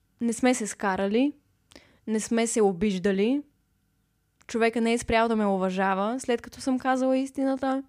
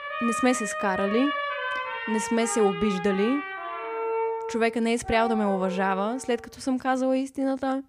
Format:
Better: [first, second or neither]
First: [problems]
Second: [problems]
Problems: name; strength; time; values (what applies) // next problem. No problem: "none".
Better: first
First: none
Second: background music; loud; until 6 s; 5 dB below the speech